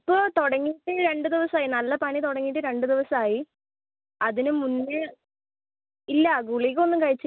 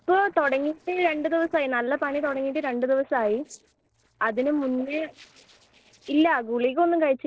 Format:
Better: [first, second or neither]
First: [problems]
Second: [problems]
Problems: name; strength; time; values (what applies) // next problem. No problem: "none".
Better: first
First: none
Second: noise reduction (neural separator model SepFormer DNS4)